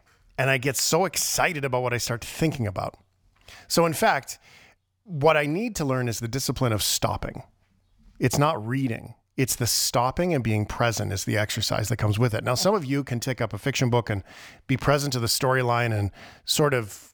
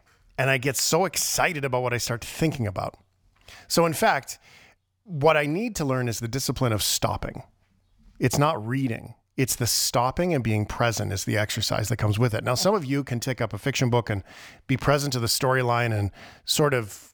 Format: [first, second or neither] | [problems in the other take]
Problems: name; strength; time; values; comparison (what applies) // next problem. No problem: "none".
neither | none